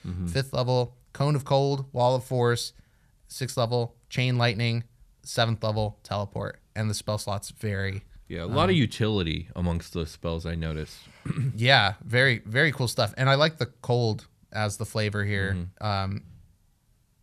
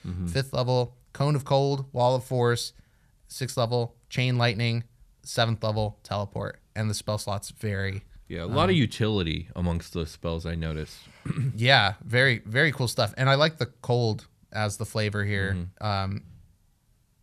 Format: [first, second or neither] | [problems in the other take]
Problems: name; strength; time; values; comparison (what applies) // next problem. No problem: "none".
neither | none